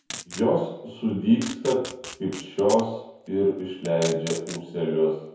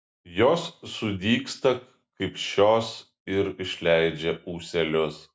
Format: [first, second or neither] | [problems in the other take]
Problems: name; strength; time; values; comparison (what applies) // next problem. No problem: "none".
second | background sound (Packing tape, duct tape); 16 dB below the speech // room echo; dies away in 0.9 s